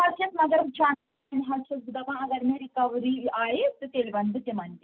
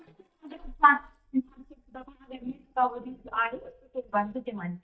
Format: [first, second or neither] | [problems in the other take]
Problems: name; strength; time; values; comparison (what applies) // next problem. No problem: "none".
first | noise reduction (neural mask model DeepFilterNet 3)